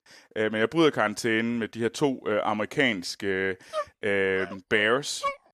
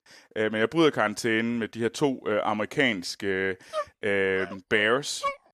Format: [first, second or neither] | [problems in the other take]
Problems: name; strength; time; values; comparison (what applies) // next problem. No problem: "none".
neither | dog barking; noticeable; from 3.5 s on; peak 6 dB below the speech; the same in both